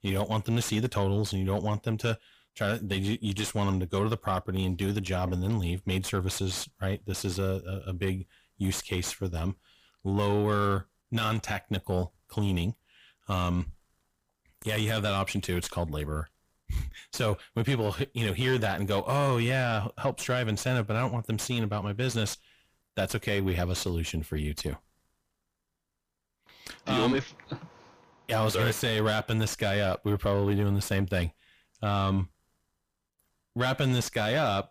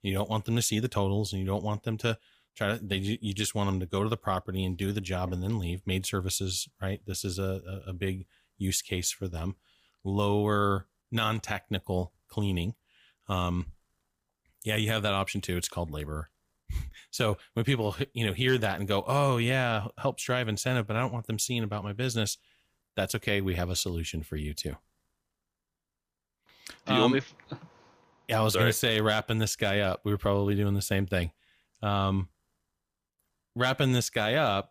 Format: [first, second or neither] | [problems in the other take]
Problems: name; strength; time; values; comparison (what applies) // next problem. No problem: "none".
second | distortion; slight; 10 dB below the speech